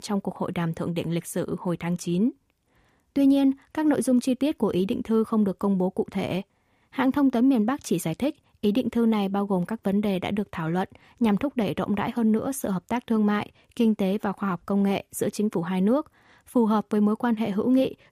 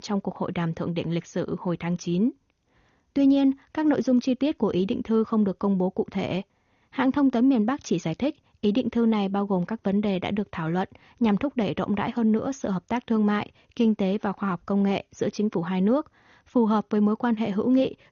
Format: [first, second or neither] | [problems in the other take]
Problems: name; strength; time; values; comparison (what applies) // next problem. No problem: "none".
first | garbled, watery; slightly; nothing above 6.5 kHz